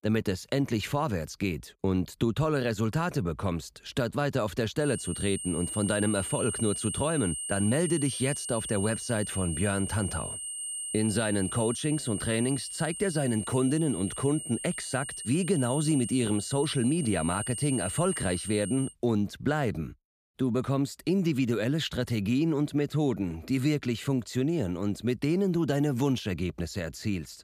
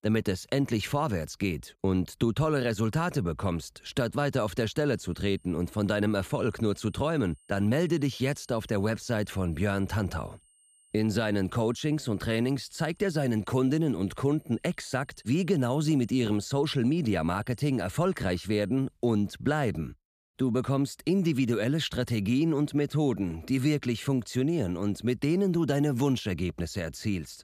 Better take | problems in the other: second | high-pitched whine; loud; from 5 to 19 s; 8.5 kHz, 5 dB below the speech; faint in the second

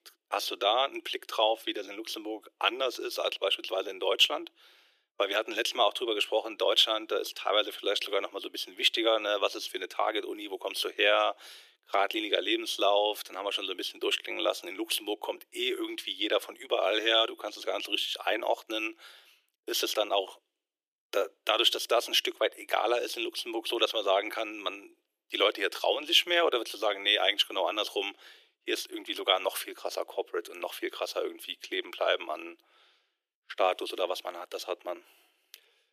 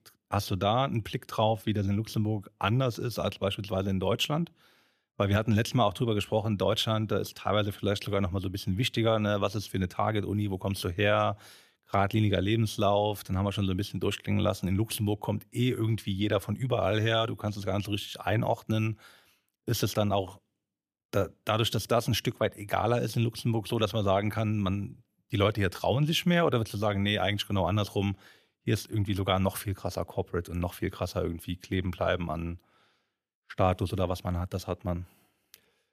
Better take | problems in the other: second | thin; very; fading below 350 Hz

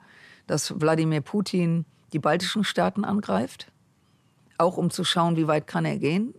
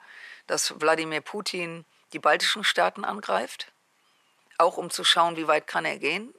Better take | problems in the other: first | thin; very; fading below 550 Hz

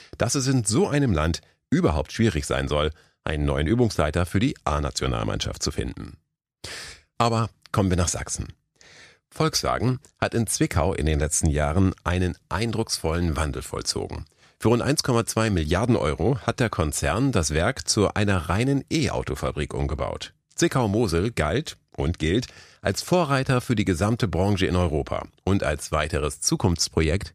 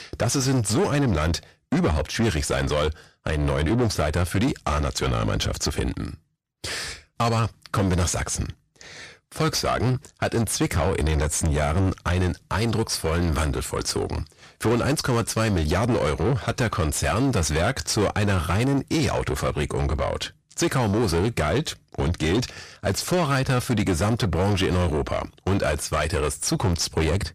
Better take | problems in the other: first | distortion; heavy; 7 dB below the speech

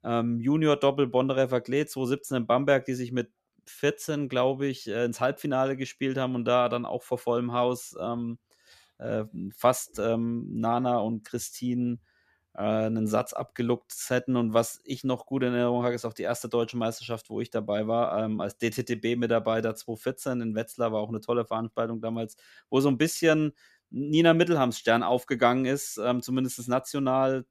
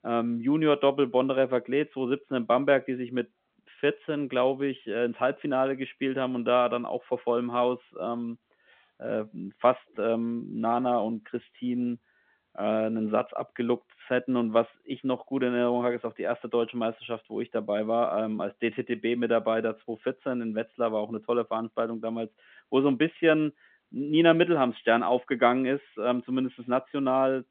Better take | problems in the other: first | phone-call audio; nothing above 3.5 kHz

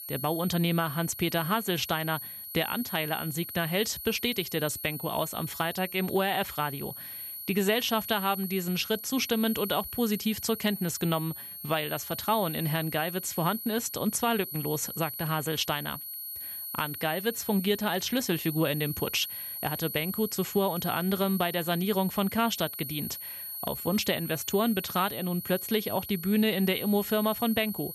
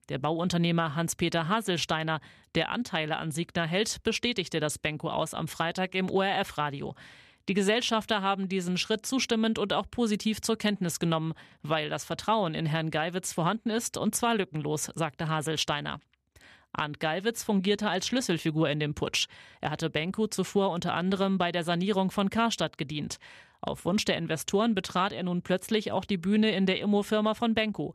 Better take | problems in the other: second | high-pitched whine; loud; throughout; 11.5 kHz, 7 dB below the speech

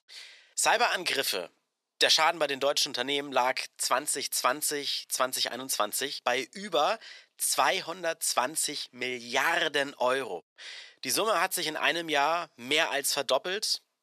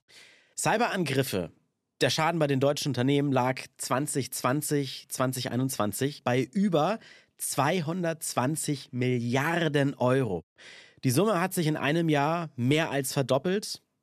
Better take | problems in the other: second | thin; very; fading below 650 Hz

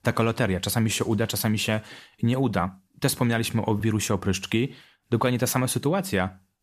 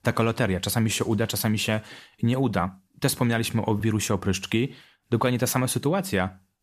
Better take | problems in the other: neither | none

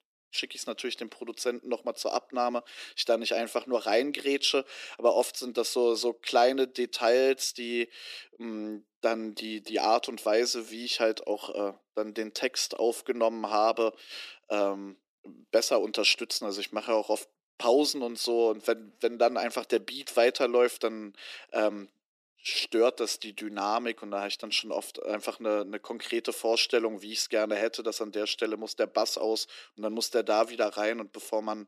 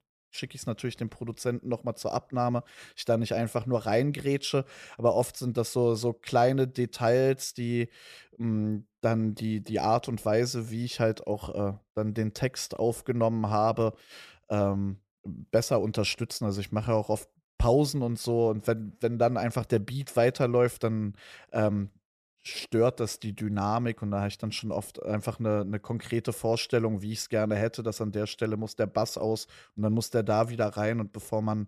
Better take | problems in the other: second | thin; somewhat; fading below 250 Hz

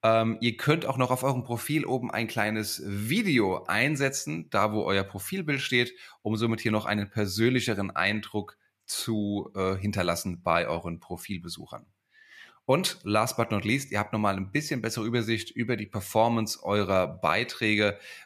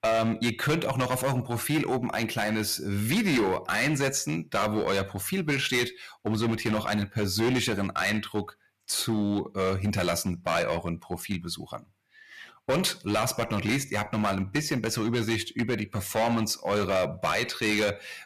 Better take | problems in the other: first | distortion; heavy; 10% of the sound clipped

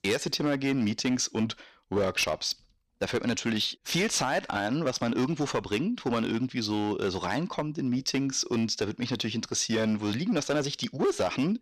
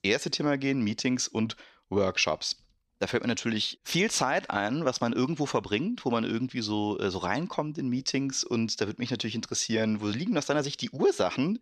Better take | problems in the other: second | distortion; slight; 6% of the sound clipped

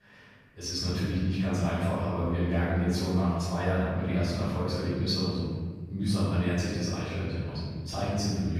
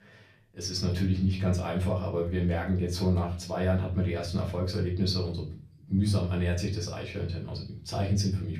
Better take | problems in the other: second | room echo; strong; dies away in 1.5 s; slight in the second // off-mic speech; far; far in the second

